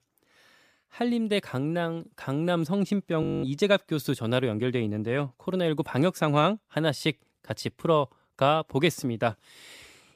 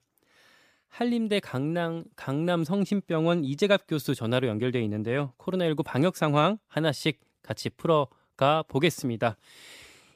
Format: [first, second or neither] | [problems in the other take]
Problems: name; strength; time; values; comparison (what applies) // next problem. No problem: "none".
second | audio freezing; at 3 s